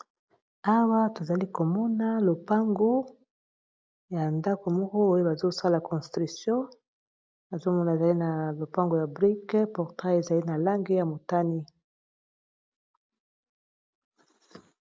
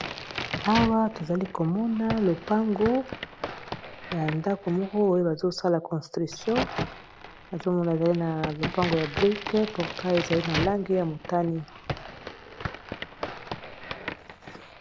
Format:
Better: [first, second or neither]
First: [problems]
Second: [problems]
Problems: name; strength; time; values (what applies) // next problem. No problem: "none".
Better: first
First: none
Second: background sound (Crack); 8 dB below the speech